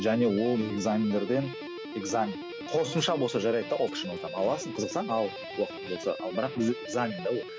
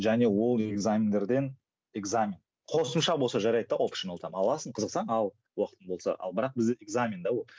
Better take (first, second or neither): second